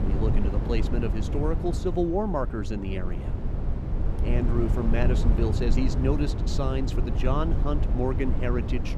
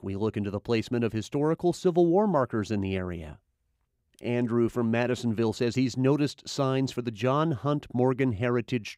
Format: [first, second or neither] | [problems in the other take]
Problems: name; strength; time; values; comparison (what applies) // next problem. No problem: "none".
second | low rumble; loud; throughout; 7 dB below the speech